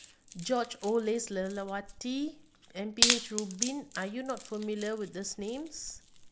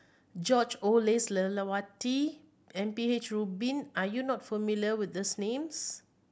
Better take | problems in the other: second | background sound (Wood); 2 dB below the speech

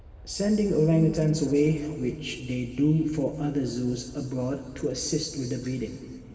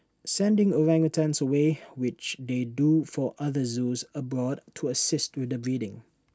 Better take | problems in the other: second | background sound (Aircraft); 20 dB below the speech // room echo; dies away in 2.4 s

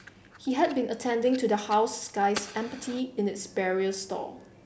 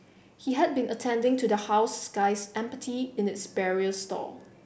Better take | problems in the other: second | background sound (Fire); 18 dB below the speech

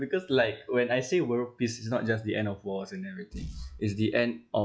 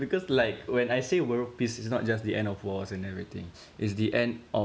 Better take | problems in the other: second | noise reduction (classical method log-MMSE)

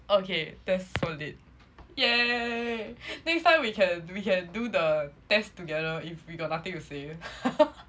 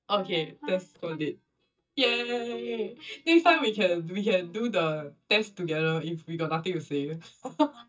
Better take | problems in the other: first | noise reduction (neural mask model DeepFilterNet 3)

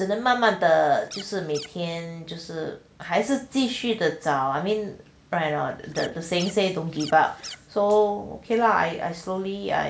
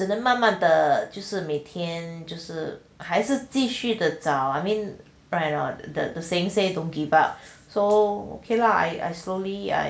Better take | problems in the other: second | background sound (Scratching (performance technique)); 17 dB below the speech

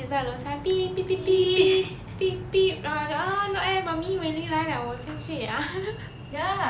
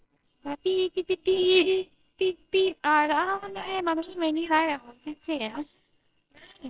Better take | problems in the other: first | noise reduction (neural separator model SepFormer WHAMR!)

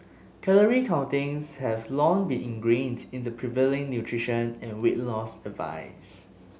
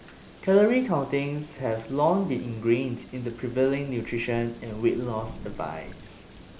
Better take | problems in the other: first | background sound (Thunder / Rain); 19 dB below the speech

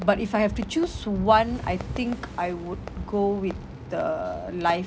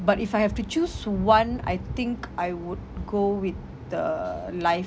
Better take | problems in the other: second | background sound (Fireworks + Waves, surf); 19 dB below the speech

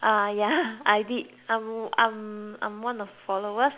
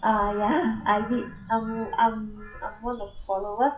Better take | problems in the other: first | noise reduction (classical method WPE with log-MMSE)

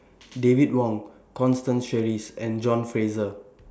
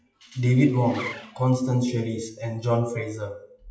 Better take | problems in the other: first | noise reduction (classical method WPE with log-MMSE)

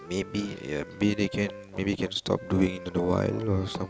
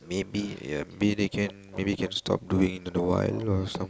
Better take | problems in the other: second | background sound (Wind instrument, woodwind instrument); 17 dB below the speech

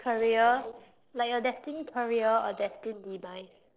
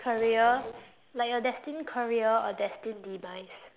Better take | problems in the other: second | noise reduction (neural separator model SepFormer DNS4)

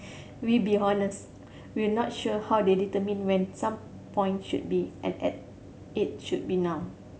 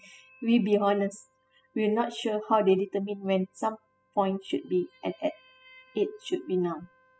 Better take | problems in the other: first | noise reduction (classical method spectral subtraction)

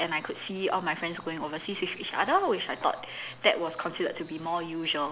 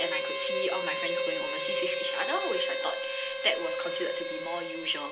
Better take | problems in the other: first | background sound (Harmonica); 2 dB above the speech // room echo; dies away in 0.2 s

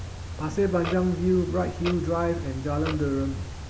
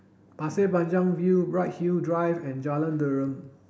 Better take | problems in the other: second | background sound (Clock); 7 dB below the speech

